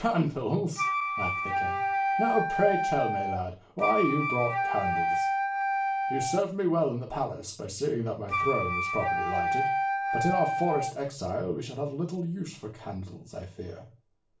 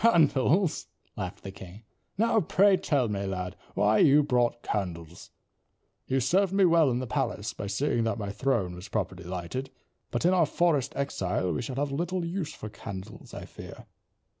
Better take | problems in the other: second | background sound (Wind instrument, woodwind instrument); 2 dB above the speech // room echo; dies away in 0.3 s

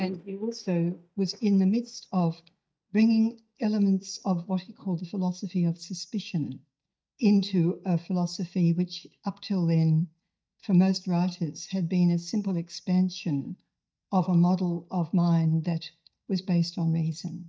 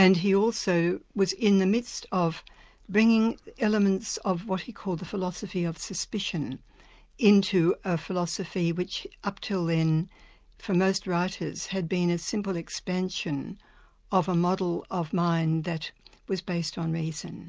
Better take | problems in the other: second | noise reduction (neural mask model DeepFilterNet 3)

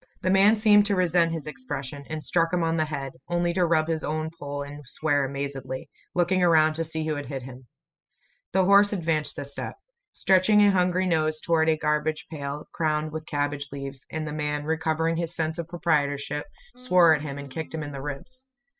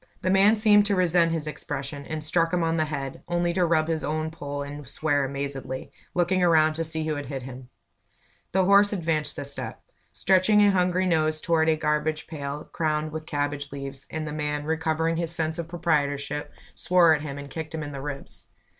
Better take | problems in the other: second | noise reduction (classical method spectral subtraction)

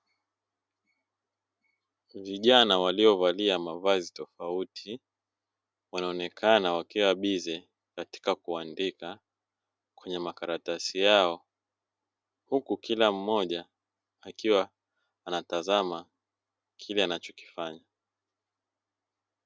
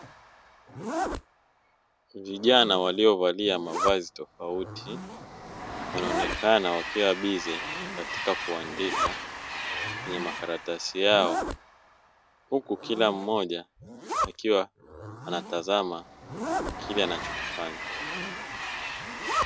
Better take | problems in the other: first | background sound (Train + Zipper (clothing)); 5 dB below the speech

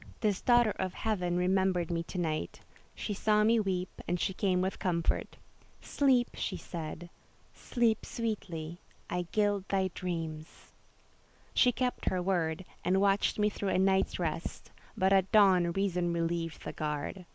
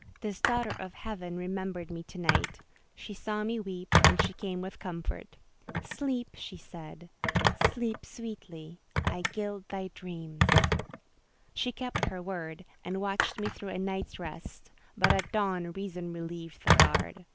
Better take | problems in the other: first | background sound (Telephone); 3 dB above the speech

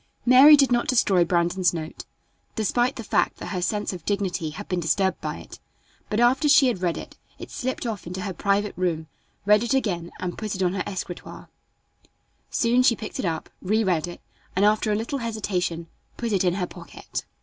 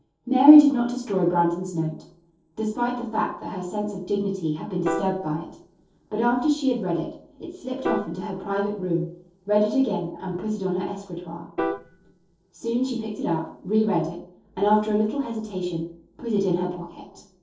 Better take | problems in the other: first | noise reduction (neural separator model SepFormer DNS4)

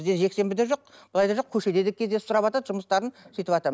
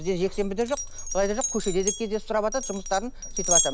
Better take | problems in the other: first | background sound (Glass); 2 dB below the speech

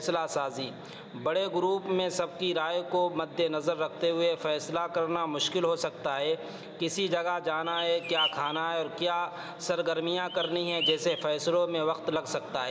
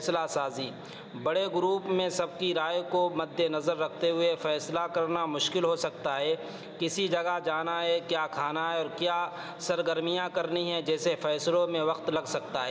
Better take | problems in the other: second | background sound (Bird); 5 dB below the speech

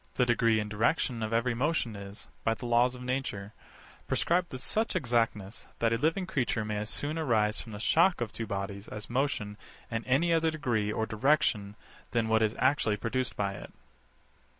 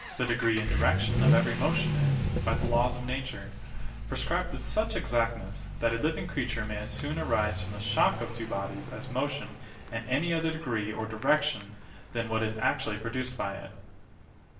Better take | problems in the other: first | background sound (Accelerating, revving, vroom / Vehicle); 2 dB below the speech // room echo; dies away in 0.8 s

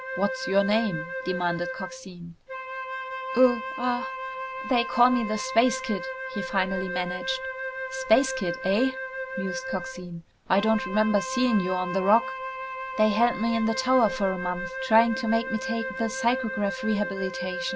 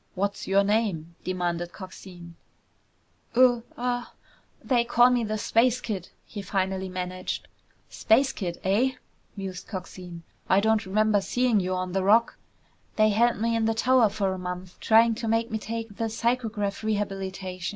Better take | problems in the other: second | background sound (Wind instrument, woodwind instrument); 7 dB below the speech

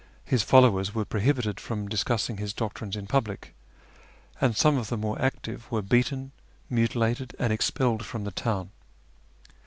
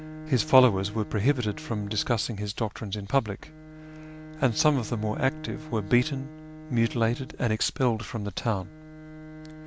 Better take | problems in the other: first | background sound (Bowed string instrument); 15 dB below the speech

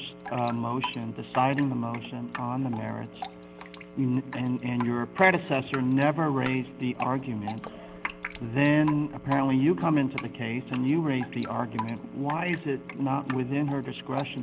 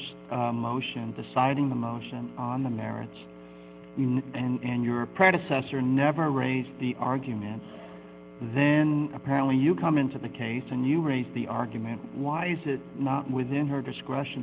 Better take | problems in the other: second | background sound (Drip); 14 dB below the speech

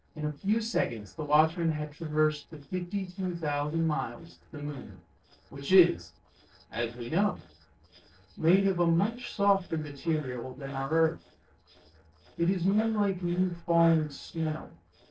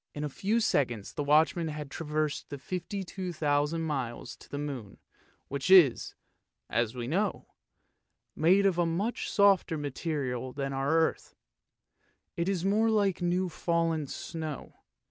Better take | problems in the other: second | noise reduction (neural separator model SepFormer DNS4)

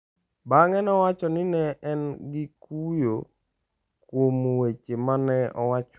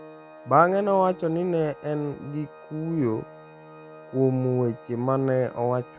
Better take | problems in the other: first | background sound (Organ); 20 dB below the speech

